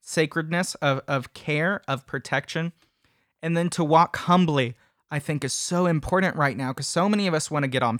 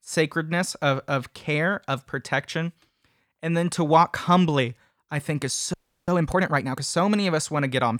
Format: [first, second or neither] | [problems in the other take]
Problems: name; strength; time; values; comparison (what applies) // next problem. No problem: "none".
first | audio freezing; at 5.5 s